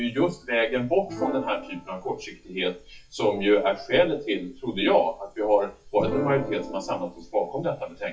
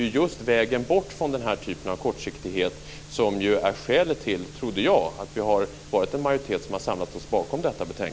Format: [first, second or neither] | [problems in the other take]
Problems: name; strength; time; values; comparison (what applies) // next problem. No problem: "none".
second | noise reduction (classical method WPE with log-MMSE)